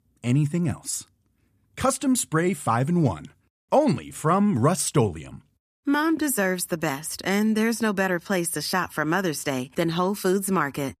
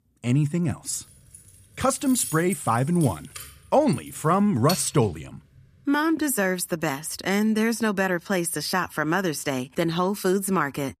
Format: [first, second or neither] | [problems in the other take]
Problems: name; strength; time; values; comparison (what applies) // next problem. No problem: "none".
first | jangling keys; noticeable; from 1.5 to 5 s; peak 6 dB below the speech